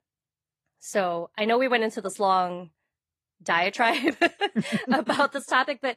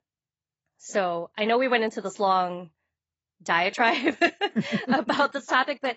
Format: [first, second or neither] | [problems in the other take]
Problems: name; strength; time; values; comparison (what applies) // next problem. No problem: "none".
first | garbled, watery; badly; nothing above 7.5 kHz; slightly in the first